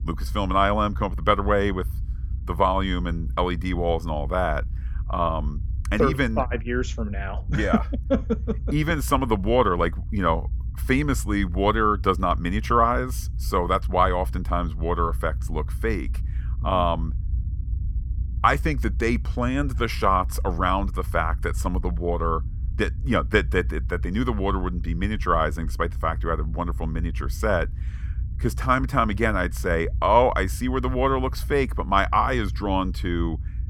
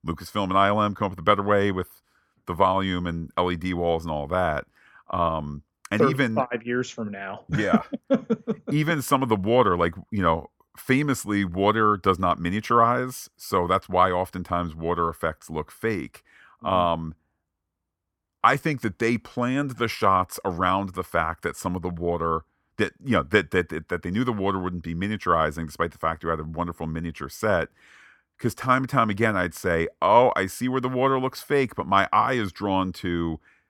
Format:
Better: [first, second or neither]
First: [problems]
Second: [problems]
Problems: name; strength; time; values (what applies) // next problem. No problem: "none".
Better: second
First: low rumble; faint; throughout; 25 dB below the speech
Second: none